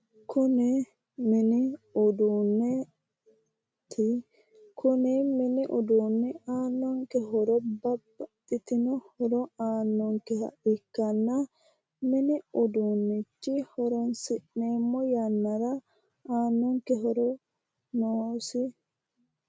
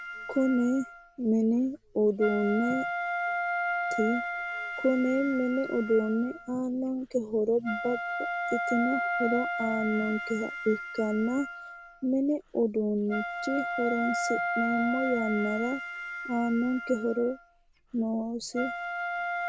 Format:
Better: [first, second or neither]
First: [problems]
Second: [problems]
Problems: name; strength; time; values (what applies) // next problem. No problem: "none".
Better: first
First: none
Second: background sound (Wind instrument, woodwind instrument); 5 dB below the speech